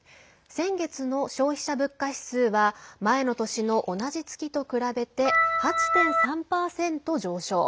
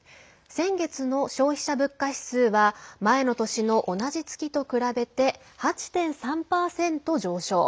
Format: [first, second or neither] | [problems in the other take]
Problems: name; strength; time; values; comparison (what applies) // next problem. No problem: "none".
second | background sound (Organ); 4 dB above the speech